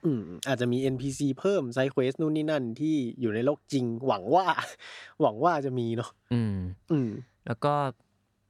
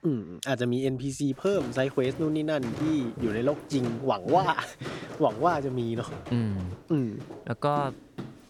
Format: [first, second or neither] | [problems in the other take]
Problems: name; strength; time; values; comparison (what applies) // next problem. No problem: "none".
first | footsteps; noticeable; from 1.5 s on; peak 8 dB below the speech